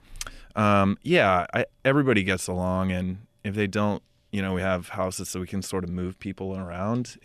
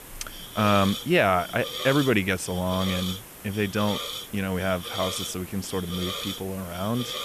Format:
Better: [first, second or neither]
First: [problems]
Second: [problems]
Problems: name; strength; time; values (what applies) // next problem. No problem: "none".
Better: first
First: none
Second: hiss; loud; throughout; 7 dB below the speech